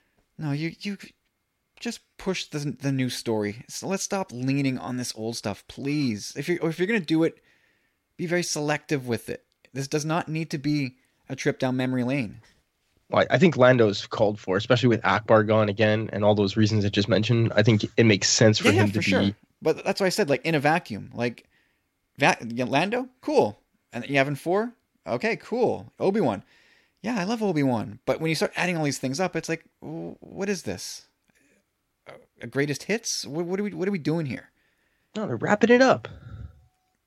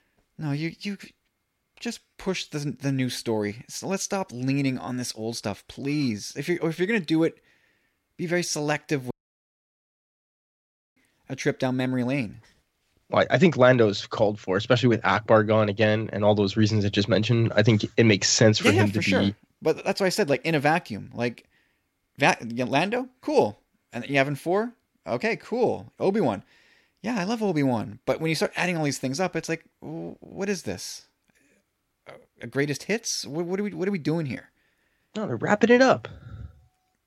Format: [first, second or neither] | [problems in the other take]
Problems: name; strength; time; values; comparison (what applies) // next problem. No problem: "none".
first | audio cutting out; at 9 s for 2 s